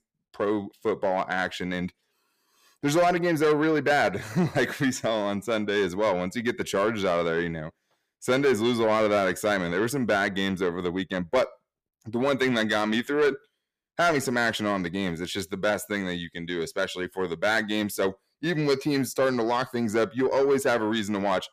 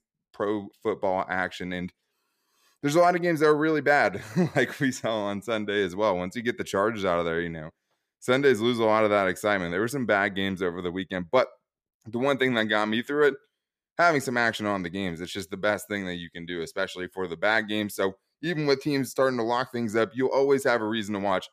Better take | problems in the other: second | distortion; slight; 10 dB below the speech

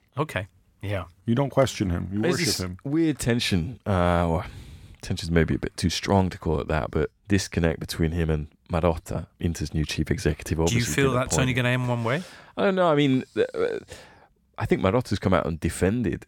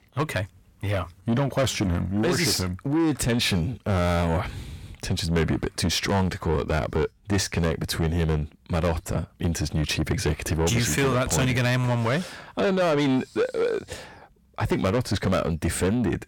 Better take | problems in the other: first | distortion; heavy; 7 dB below the speech

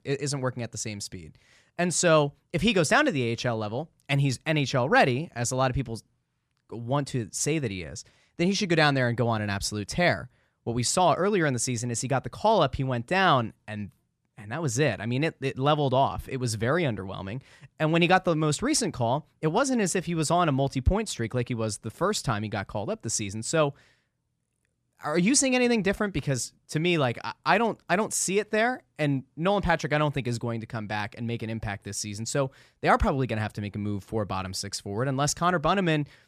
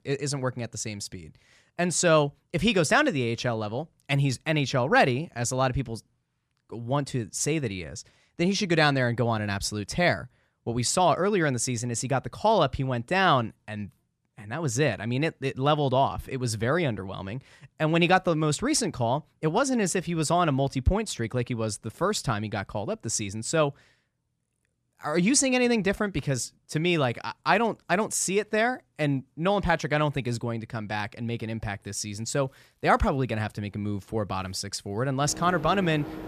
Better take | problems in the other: first | household noises; noticeable; from 27 s on; 15 dB below the speech

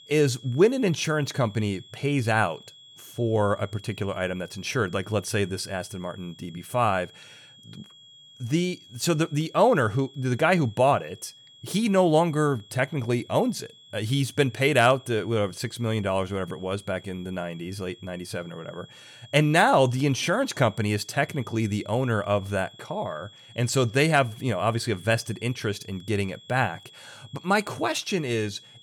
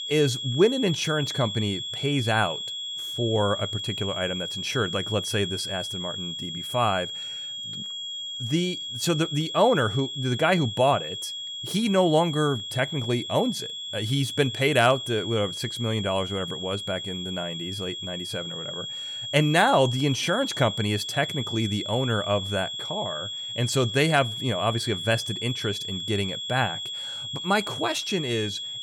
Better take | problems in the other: first | high-pitched whine; loud; throughout; 3.5 kHz, 5 dB below the speech; faint in the first

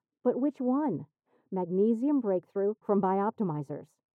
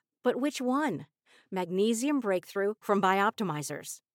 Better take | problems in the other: second | muffled; very; fading above 1.5 kHz

